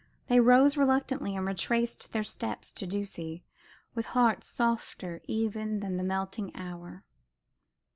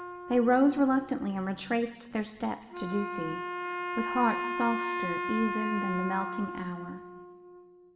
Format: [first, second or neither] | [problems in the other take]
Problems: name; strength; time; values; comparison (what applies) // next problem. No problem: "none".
first | background sound (Wind instrument, woodwind instrument); 6 dB below the speech // room echo; dies away in 1.5 s